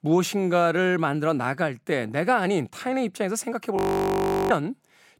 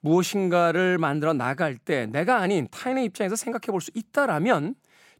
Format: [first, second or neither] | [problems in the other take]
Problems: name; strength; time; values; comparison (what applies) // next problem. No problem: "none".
second | audio freezing; at 4 s for 0.5 s